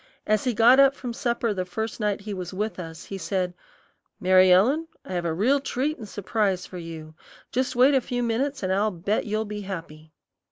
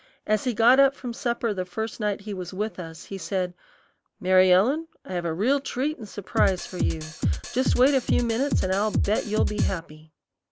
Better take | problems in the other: first | background sound (Drum kit); as loud as the speech

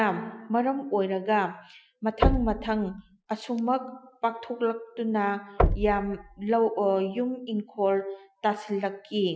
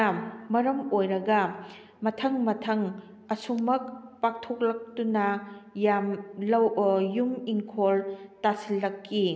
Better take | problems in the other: second | noise reduction (classical method Wiener filter)

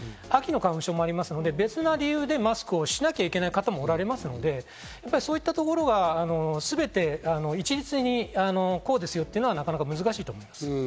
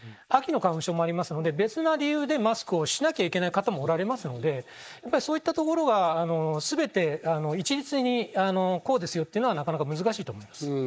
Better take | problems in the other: first | noise reduction (neural mask model Resemble Enhance denoiser)

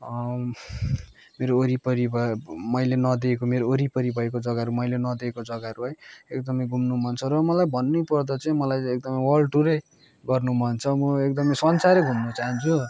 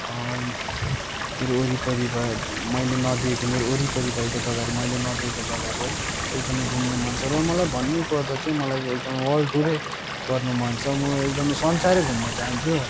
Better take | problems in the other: first | background sound (Hiss + Stream / Liquid); 4 dB below the speech

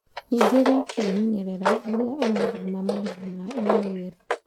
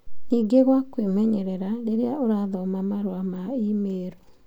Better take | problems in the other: second | noise reduction (neural mask model RNNoise)

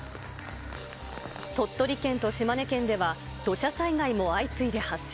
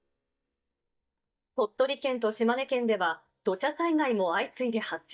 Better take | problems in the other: first | noise reduction (neural mask model DeepFilterNet 3)

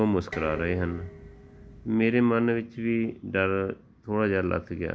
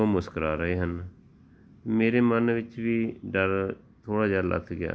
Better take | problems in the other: second | background sound (Dishes, pots, and pans); 17 dB below the speech

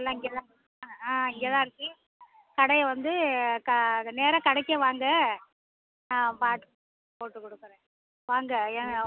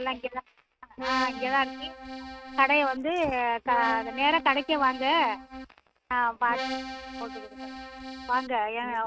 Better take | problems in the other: first | noise reduction (neural mask model RNNoise)

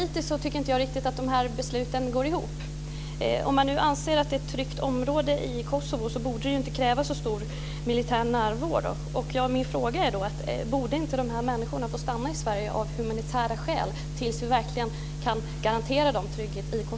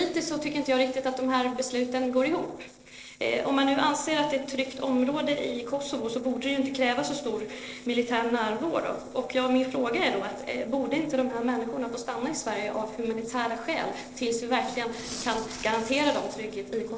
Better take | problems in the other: first | noise reduction (neural separator model SepFormer DNS4)

